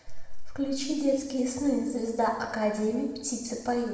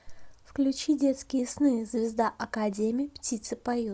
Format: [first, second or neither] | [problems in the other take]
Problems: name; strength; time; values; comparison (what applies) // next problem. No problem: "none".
second | room echo; dies away in 1.1 s